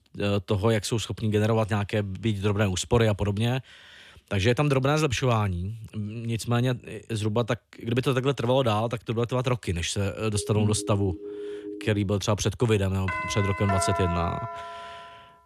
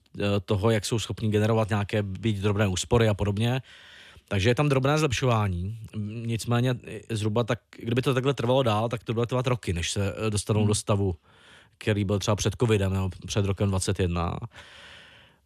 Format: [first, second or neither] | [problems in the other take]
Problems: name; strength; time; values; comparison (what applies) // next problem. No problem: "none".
second | siren; noticeable; from 10 to 12 s; peak 10 dB below the speech // doorbell; noticeable; from 13 s on; peak 1 dB below the speech